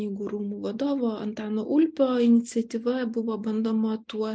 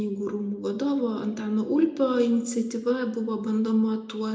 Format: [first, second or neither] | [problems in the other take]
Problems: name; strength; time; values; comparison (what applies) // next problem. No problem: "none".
first | room echo; dies away in 0.6 s